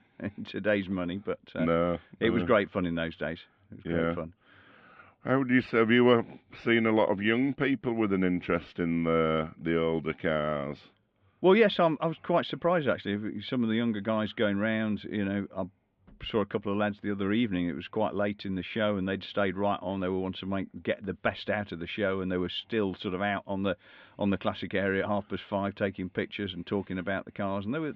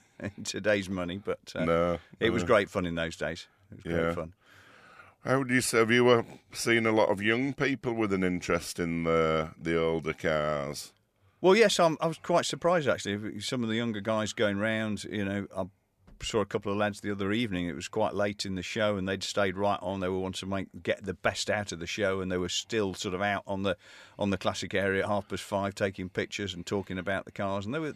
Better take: second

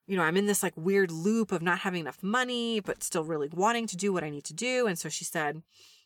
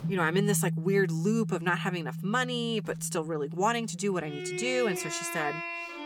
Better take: first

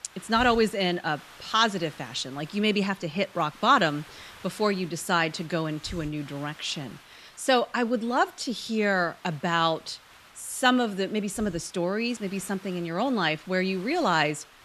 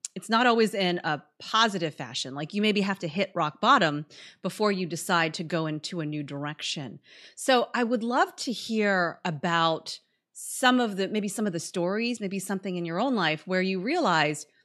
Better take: second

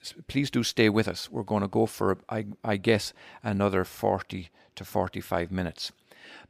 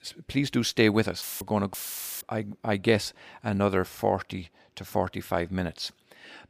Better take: first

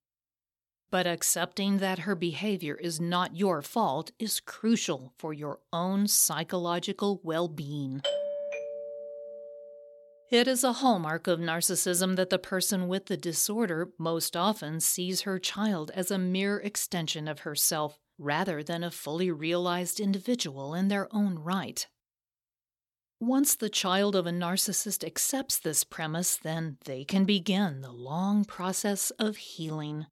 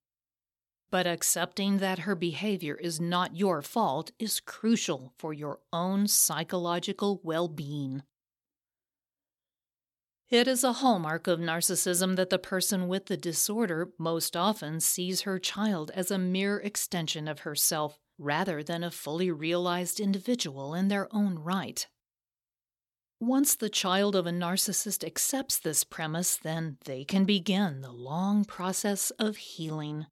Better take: second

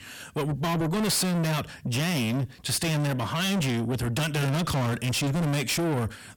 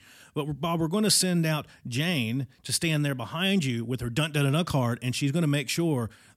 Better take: second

